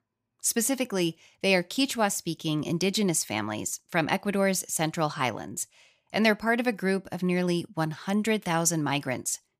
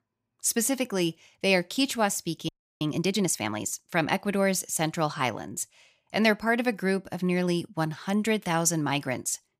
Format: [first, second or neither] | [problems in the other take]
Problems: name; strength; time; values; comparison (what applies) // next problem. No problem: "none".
first | audio freezing; at 2.5 s